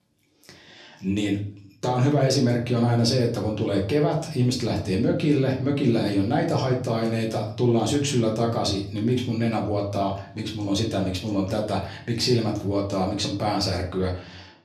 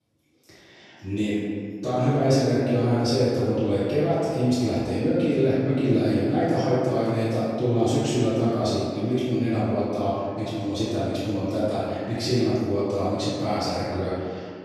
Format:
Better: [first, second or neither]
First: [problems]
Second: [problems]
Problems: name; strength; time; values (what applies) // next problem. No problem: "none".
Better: first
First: room echo; slight; dies away in 0.5 s // off-mic speech; far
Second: room echo; strong; dies away in 2.1 s // off-mic speech; far